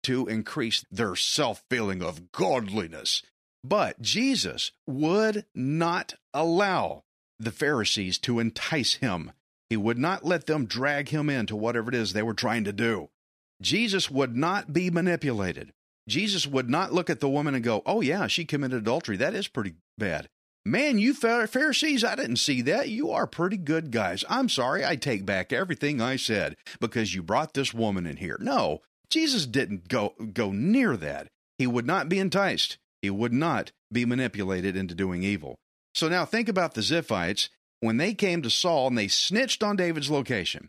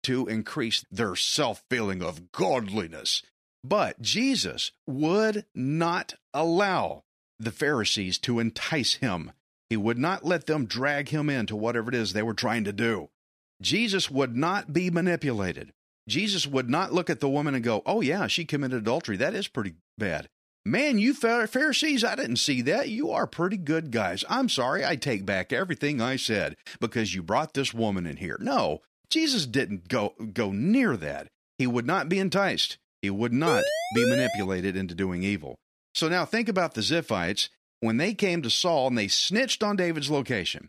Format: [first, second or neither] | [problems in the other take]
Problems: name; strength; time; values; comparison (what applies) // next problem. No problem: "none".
first | siren; loud; at 33 s; peak 1 dB above the speech